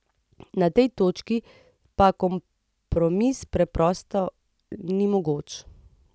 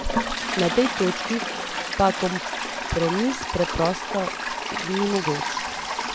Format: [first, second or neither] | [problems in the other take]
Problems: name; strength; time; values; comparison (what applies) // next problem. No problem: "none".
first | background sound (Toilet flush); 2 dB below the speech